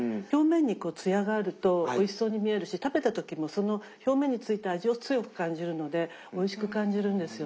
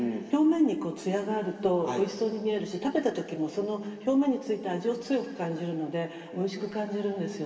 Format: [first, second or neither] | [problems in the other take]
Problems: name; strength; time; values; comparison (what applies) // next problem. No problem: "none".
first | room echo; dies away in 2.8 s